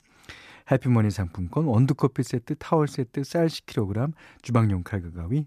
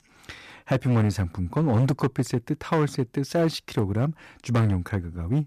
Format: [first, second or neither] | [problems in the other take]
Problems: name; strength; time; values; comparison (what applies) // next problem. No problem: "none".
first | distortion; slight; 7% of the sound clipped